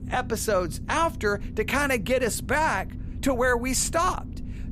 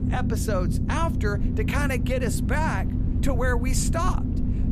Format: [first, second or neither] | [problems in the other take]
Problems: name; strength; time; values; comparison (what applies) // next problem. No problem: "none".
first | low rumble; loud; throughout; 8 dB below the speech; faint in the first